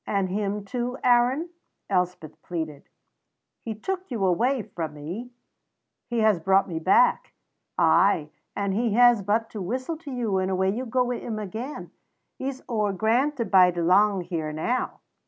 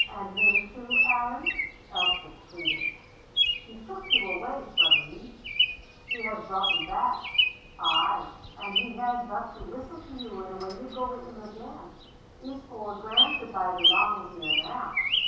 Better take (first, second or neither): first